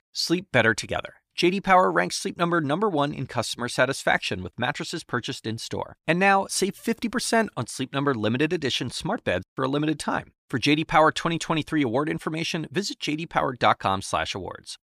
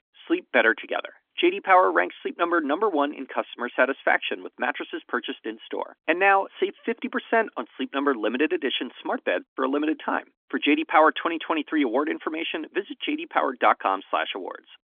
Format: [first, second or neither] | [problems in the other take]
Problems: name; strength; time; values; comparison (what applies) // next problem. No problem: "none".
first | phone-call audio; nothing above 3.5 kHz